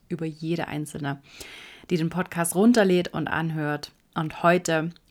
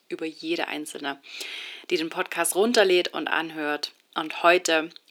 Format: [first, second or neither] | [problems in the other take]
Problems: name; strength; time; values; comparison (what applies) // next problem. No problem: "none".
first | thin; somewhat; fading below 350 Hz